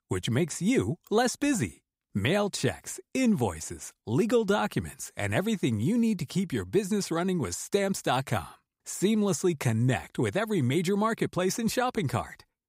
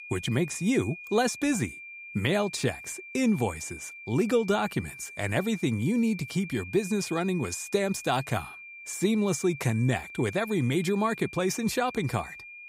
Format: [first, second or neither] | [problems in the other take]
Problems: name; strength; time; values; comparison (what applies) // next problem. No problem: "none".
first | high-pitched whine; noticeable; throughout; 2.5 kHz, 15 dB below the speech